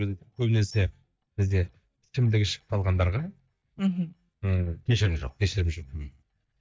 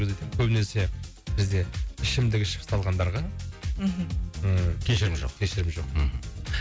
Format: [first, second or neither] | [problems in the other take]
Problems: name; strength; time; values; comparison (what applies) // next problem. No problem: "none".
second | noise reduction (neural mask model DeepFilterNet 3)